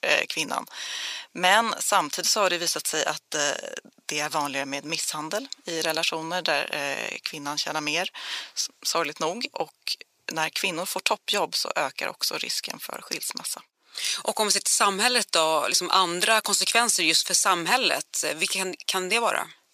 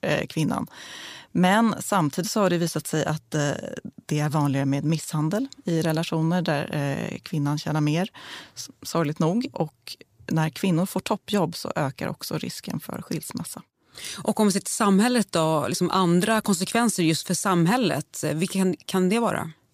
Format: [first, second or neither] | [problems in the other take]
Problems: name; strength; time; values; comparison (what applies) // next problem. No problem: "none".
second | thin; very; fading below 600 Hz